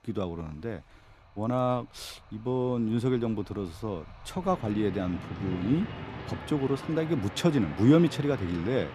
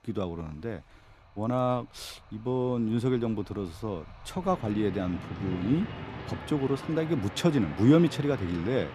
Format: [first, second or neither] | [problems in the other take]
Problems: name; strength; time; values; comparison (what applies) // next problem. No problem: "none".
neither | rain or running water; noticeable; throughout; 10 dB below the speech; the same in both